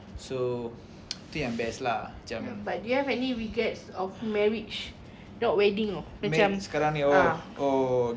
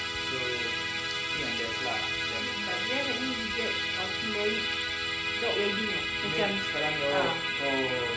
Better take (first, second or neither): first